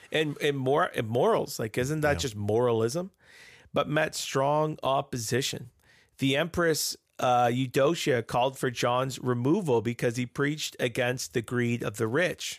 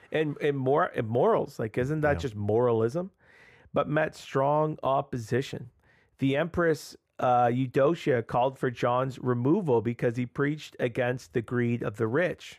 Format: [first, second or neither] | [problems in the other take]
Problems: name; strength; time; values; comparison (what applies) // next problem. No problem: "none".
first | muffled; slightly; fading above 3 kHz